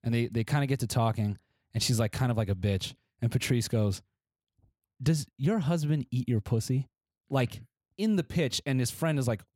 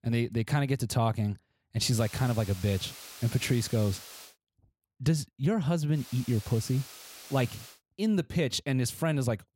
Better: first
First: none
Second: hiss; noticeable; from 2 to 4.5 s and from 6 to 7.5 s; 15 dB below the speech

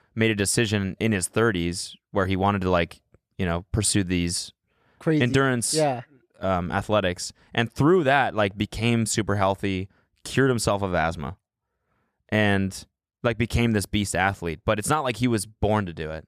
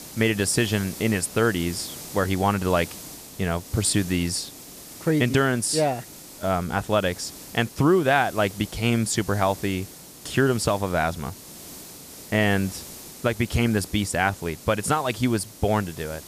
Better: first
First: none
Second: hiss; noticeable; throughout; 15 dB below the speech

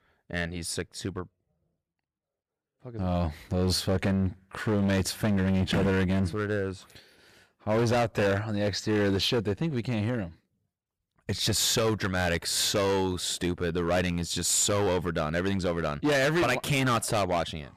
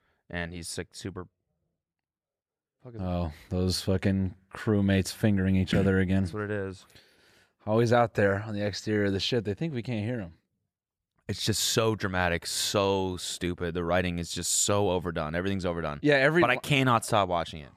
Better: second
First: distortion; heavy; 12% of the sound clipped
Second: none

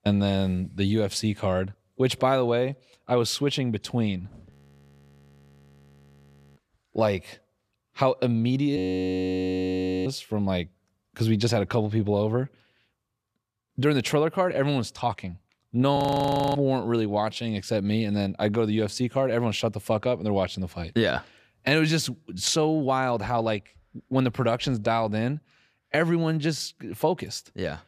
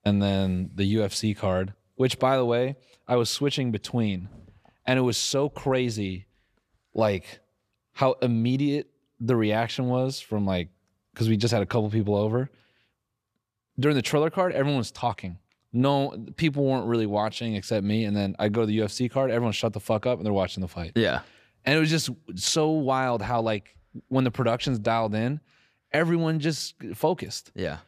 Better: second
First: audio freezing; at 4.5 s for 2 s, at 9 s for 1.5 s and at 16 s for 0.5 s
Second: none

